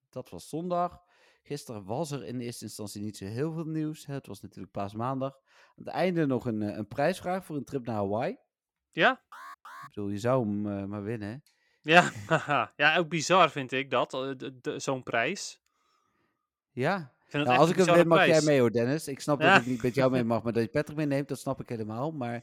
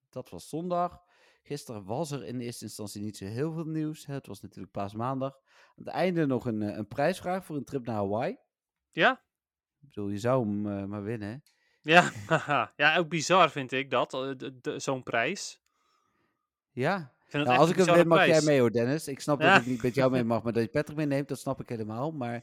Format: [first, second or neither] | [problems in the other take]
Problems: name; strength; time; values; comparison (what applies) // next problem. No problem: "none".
second | alarm; faint; at 9.5 s; peak 20 dB below the speech